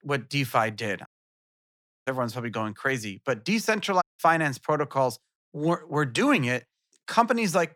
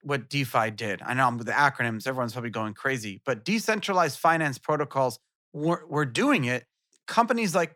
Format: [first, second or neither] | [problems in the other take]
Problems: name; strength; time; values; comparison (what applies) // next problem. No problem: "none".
second | audio cutting out; at 1 s for 1 s and at 4 s